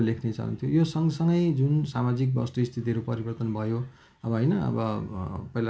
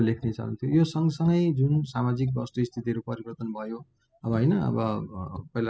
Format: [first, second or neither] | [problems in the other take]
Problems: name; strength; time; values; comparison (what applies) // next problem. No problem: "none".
first | noise reduction (classical method spectral subtraction)